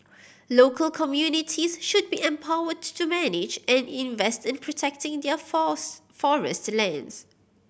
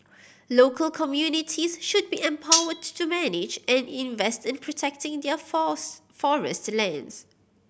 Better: first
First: none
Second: background sound (Cutlery, silverware); 1 dB below the speech

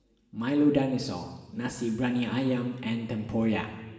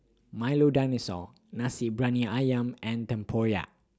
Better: second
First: room echo; dies away in 1.3 s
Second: none

